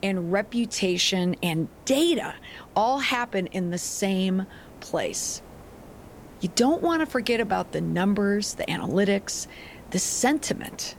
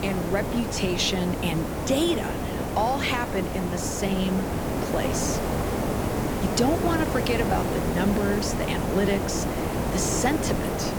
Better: first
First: hiss; faint; throughout; 20 dB below the speech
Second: hiss; loud; throughout; 1 dB below the speech

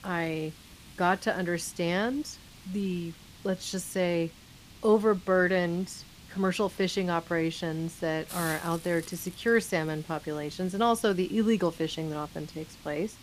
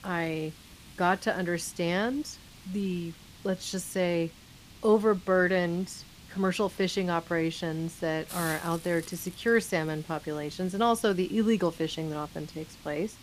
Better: neither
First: hiss; noticeable; throughout; 20 dB below the speech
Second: hiss; noticeable; throughout; 20 dB below the speech

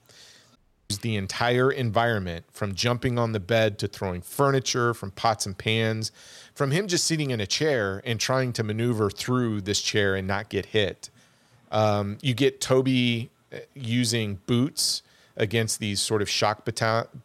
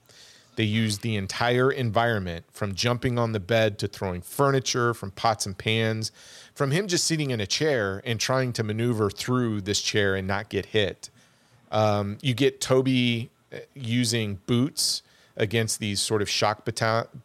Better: second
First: audio cutting out; at 0.5 s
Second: none

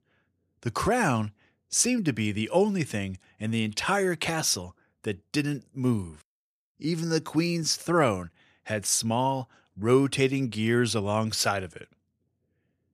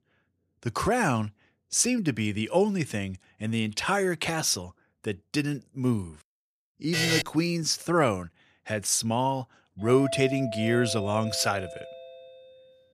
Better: first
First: none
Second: alarm; loud; at 7 s; peak 2 dB above the speech // doorbell; noticeable; from 10 s on; peak 7 dB below the speech

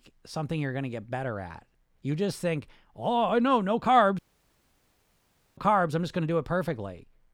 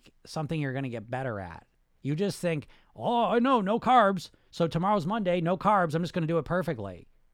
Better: second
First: audio cutting out; at 4 s for 1.5 s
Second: none

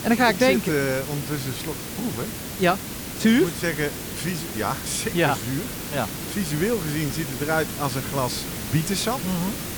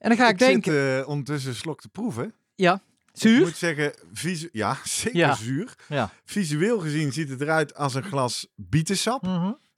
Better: second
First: hiss; loud; throughout; 6 dB below the speech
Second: none

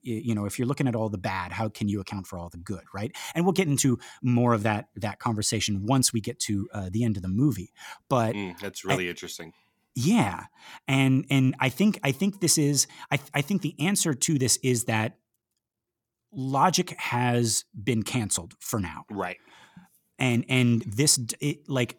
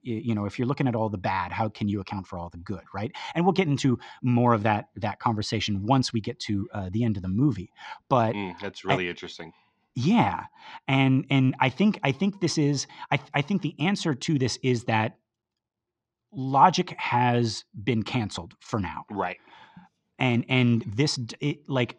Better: first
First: none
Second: muffled; slightly; fading above 5 kHz

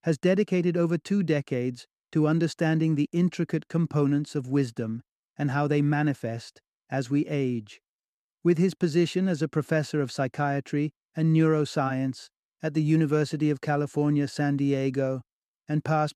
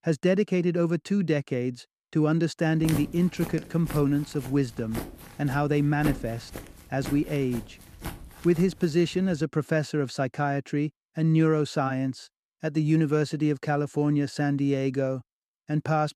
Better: first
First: none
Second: footsteps; noticeable; from 3 to 8.5 s; peak 6 dB below the speech

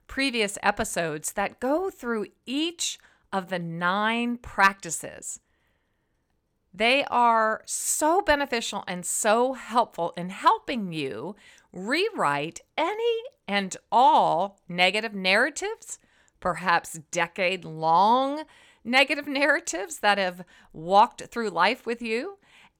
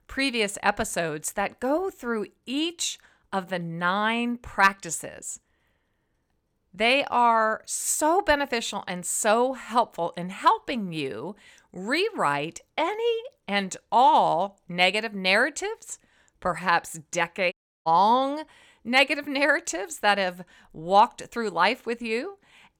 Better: first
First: none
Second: audio cutting out; at 18 s

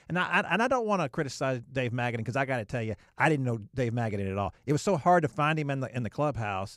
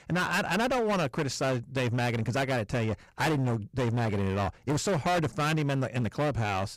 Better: first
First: none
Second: distortion; heavy; 27% of the sound clipped

